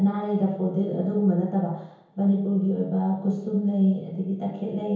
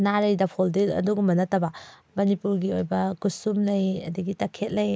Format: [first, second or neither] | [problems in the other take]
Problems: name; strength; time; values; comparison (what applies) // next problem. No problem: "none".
second | room echo; dies away in 1 s